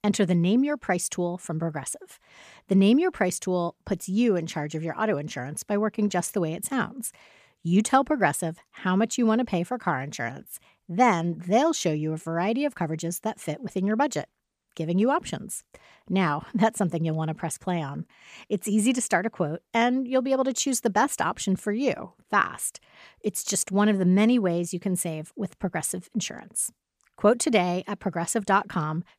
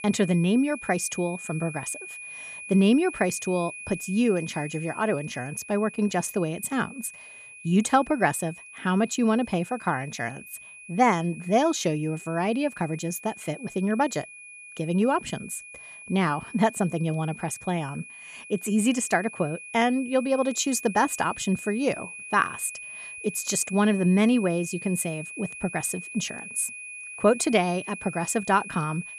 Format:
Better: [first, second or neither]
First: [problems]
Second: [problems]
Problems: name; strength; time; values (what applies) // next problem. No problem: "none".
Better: first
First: none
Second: high-pitched whine; noticeable; throughout; 2.5 kHz, 15 dB below the speech